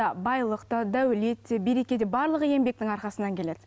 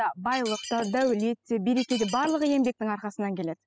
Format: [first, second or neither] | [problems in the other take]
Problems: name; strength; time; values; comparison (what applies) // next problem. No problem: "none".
first | noise reduction (classical method spectral subtraction)